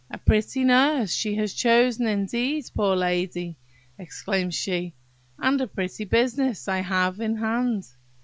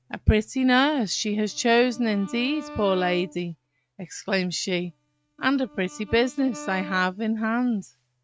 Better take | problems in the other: first | noise reduction (neural mask model RNNoise)

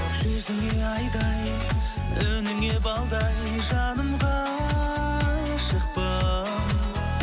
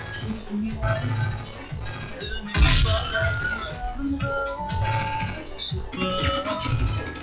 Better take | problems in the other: first | noise reduction (classical method log-MMSE)

